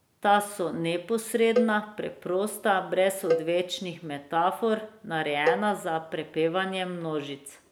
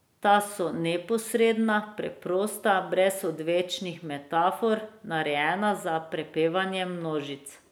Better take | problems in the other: second | background sound (Cowbell); 6 dB below the speech

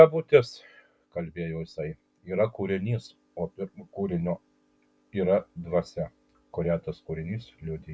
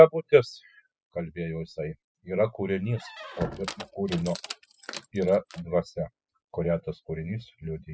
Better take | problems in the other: first | noise reduction (classical method spectral subtraction)

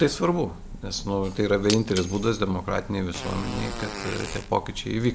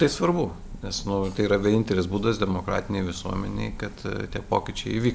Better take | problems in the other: second | background sound (Shatter + Fart); 13 dB below the speech

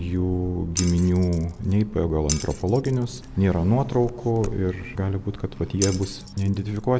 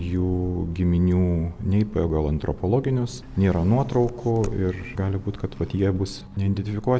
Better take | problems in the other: second | background sound (Glass); 13 dB below the speech

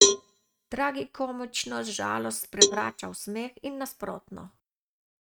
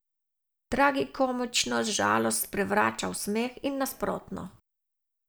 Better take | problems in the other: second | noise reduction (neural mask model RNNoise)

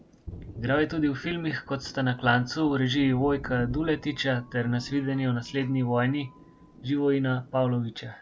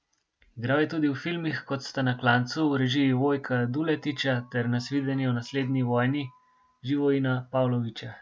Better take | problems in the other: second | background sound (Thunder); 18 dB below the speech

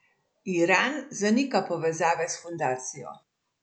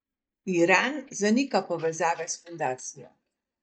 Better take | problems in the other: first | noise reduction (neural mask model DeepFilterNet 3)

